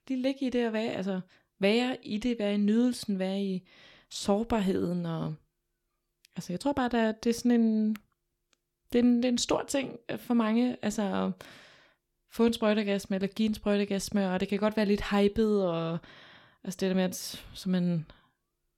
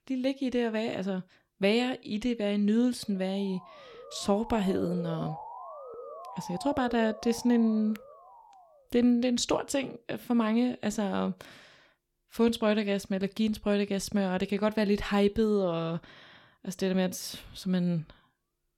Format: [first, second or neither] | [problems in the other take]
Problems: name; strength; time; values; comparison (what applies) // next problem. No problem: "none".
first | siren; noticeable; from 3 to 8.5 s; peak 10 dB below the speech